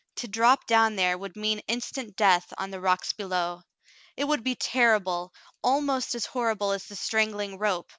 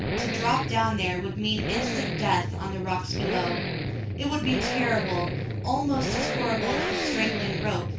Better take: first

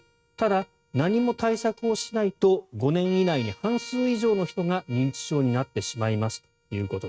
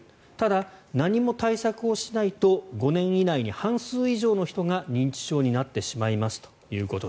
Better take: second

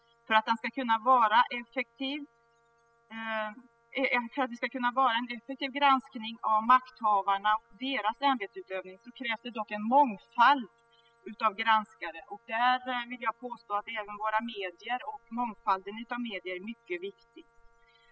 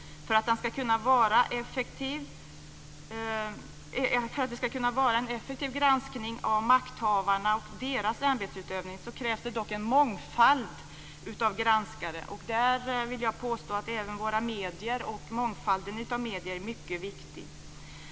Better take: second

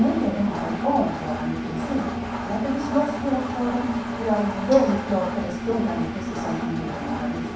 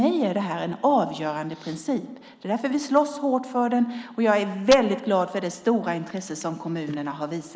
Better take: second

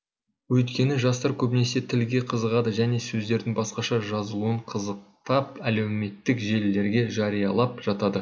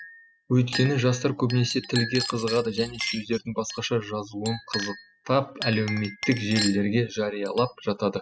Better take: first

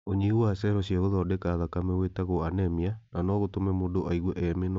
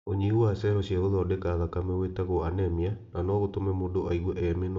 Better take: first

